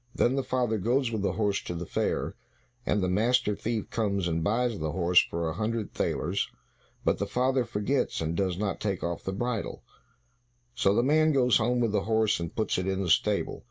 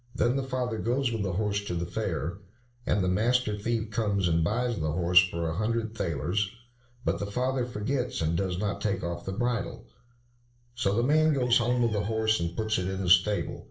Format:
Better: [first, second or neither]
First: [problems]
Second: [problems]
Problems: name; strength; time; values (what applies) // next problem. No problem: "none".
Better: first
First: none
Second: noise reduction (neural separator model SepFormer DNS4)